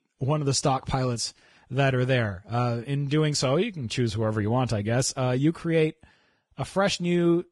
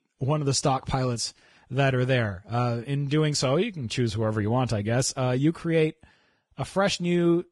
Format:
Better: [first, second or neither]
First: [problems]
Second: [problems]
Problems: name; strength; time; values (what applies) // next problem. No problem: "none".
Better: neither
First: garbled, watery; badly; nothing above 10.5 kHz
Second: garbled, watery; badly; nothing above 10.5 kHz